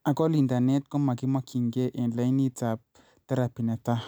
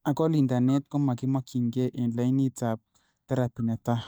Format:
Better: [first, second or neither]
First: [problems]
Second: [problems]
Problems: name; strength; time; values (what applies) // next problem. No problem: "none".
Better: first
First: none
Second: noise reduction (neural mask model DeepFilterNet 3)